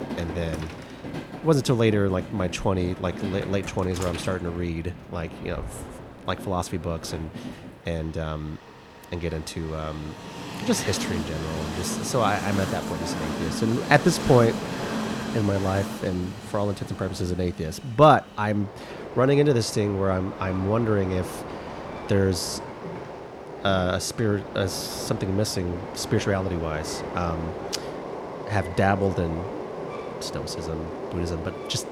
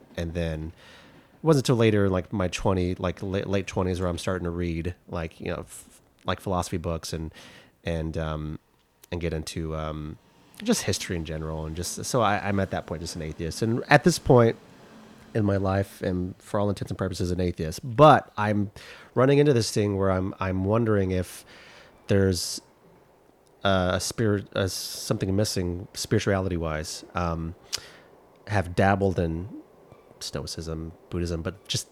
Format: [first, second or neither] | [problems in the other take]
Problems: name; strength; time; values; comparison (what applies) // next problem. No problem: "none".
second | train or aircraft noise; loud; throughout; 9 dB below the speech; faint in the second